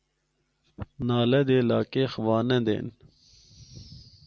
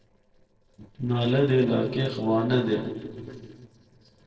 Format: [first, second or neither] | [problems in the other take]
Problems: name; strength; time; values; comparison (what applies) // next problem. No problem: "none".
first | noise reduction (neural separator model SepFormer DNS4)